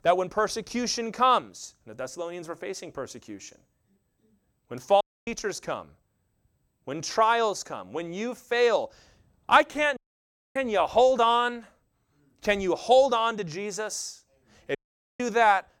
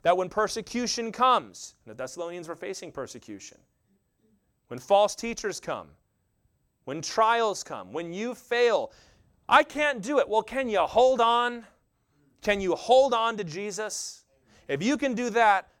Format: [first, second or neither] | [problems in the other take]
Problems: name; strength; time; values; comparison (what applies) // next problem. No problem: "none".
second | audio cutting out; at 5 s, at 10 s for 0.5 s and at 15 s